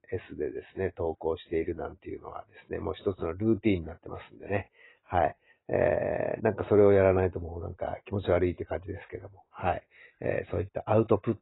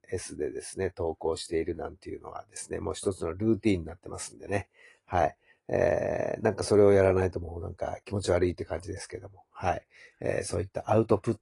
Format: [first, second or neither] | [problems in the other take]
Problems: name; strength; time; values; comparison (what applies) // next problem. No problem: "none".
second | garbled, watery; badly; nothing above 4 kHz; slightly in the second